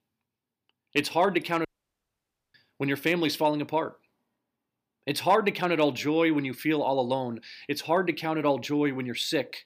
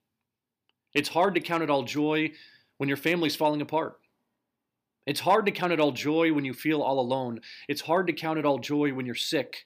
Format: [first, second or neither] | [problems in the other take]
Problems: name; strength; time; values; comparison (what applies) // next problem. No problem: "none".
second | audio cutting out; at 1.5 s for 1 s